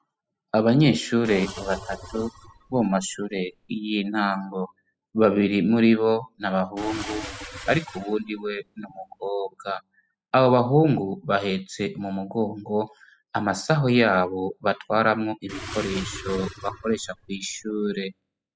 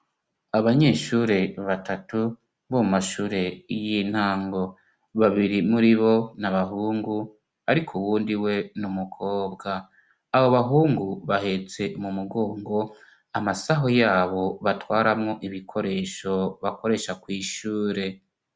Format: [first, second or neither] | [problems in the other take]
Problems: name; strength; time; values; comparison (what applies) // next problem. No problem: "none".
second | noise reduction (classical method spectral subtraction)